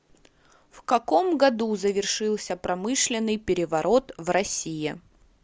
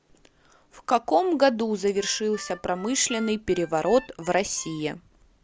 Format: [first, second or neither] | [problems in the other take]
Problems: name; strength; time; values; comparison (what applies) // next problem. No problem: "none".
first | background sound (Harmonica); 20 dB below the speech